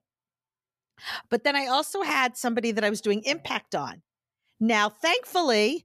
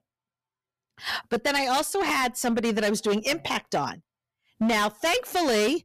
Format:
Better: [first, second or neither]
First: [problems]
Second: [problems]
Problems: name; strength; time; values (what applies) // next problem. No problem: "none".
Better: first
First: none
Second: distortion; heavy; 14% of the sound clipped